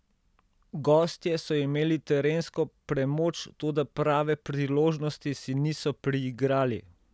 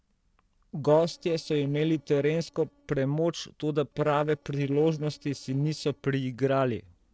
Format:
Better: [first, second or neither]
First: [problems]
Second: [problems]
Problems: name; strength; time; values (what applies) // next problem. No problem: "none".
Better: first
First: none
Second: noise reduction (neural separator model SepFormer DNS4)